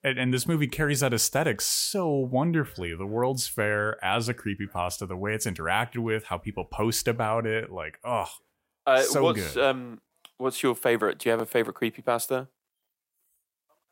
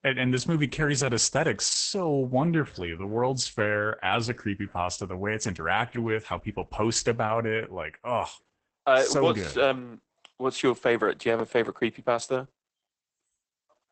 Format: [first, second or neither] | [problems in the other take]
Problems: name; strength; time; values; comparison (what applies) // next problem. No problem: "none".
first | garbled, watery; badly; nothing above 8 kHz